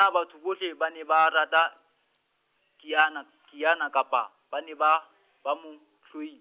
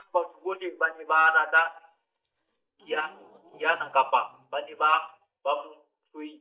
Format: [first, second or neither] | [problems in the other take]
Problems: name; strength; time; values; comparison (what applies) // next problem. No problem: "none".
first | noise reduction (neural mask model DeepFilterNet 3)